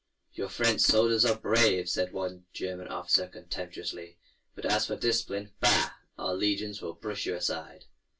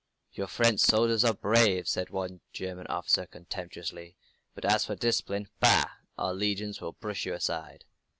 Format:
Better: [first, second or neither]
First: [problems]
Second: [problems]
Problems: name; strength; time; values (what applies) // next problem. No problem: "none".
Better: second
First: room echo; dies away in 0.2 s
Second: none